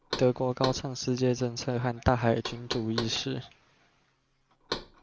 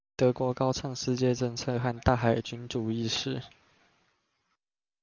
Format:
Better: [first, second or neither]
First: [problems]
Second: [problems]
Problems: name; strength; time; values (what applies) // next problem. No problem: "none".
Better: second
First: background sound (Knock); 11 dB below the speech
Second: none